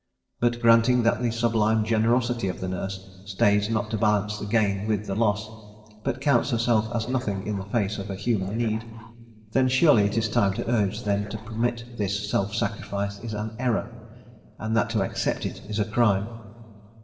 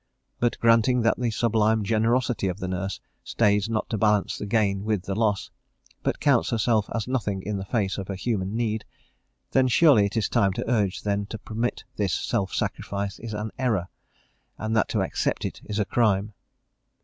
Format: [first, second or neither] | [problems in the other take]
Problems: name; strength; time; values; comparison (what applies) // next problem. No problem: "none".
second | noise reduction (neural separator model SepFormer DNS4)